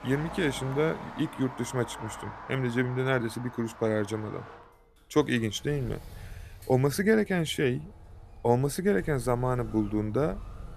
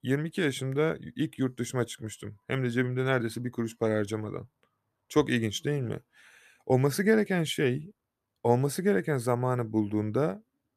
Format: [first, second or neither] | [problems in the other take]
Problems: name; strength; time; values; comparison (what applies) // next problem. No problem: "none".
second | traffic noise; noticeable; throughout; 15 dB below the speech